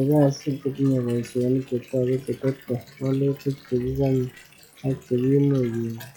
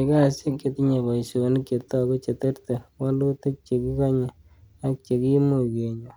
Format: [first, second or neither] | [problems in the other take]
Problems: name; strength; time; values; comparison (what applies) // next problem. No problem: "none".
second | noise reduction (classical method log-MMSE)